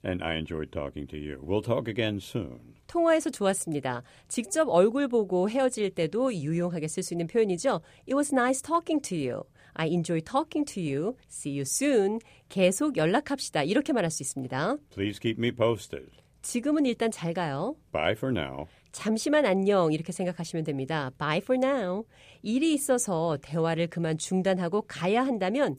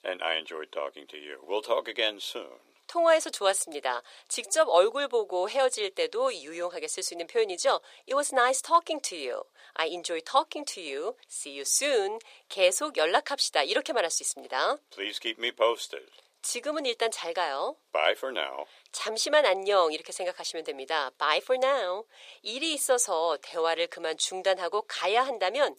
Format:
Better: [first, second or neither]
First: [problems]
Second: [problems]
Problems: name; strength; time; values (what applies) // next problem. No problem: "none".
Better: first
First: none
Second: thin; very; fading below 450 Hz